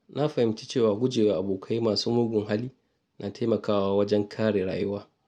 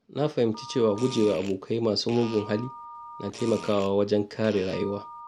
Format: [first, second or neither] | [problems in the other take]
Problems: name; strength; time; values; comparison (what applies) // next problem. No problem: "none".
first | background sound (Fart + Telephone); 16 dB below the speech